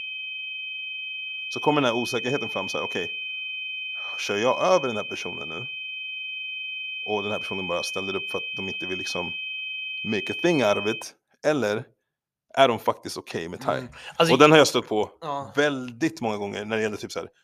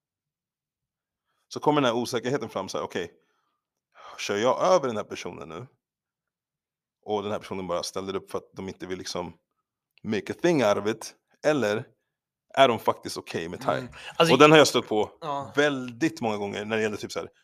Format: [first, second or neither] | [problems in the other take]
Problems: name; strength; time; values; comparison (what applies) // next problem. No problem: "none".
second | high-pitched whine; loud; until 11 s; 2.5 kHz, 6 dB below the speech